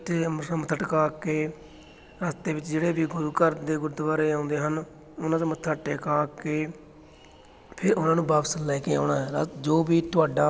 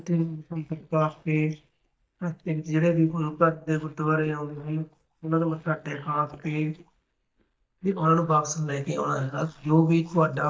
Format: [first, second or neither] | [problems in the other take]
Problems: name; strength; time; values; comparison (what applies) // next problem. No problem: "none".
first | noise reduction (neural mask model DeepFilterNet 3)